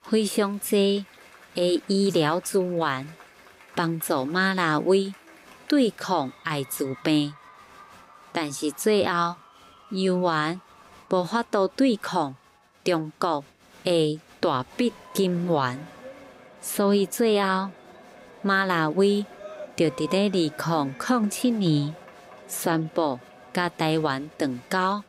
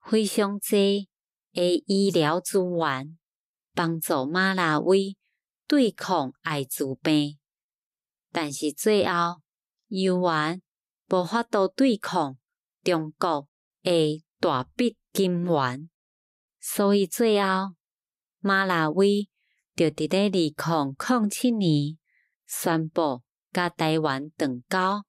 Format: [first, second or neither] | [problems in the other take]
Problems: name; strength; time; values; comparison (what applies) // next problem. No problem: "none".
second | crowd noise; faint; throughout; 20 dB below the speech